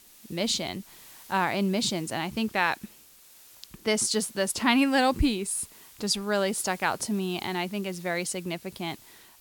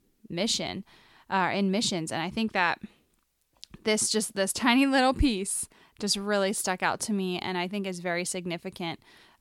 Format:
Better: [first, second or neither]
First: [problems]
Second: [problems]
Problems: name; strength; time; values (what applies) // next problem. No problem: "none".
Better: second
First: hiss; faint; throughout; 20 dB below the speech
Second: none